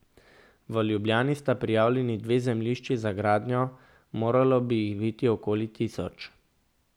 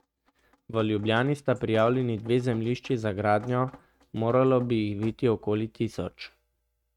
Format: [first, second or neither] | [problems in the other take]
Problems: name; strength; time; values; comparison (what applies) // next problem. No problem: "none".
first | noise reduction (neural mask model RNNoise)